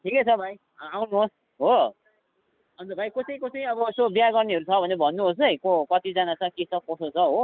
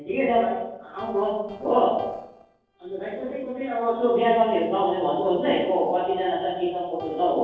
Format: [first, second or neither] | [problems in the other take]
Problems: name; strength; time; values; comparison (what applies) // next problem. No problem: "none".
first | noise reduction (neural separator model SepFormer DNS4)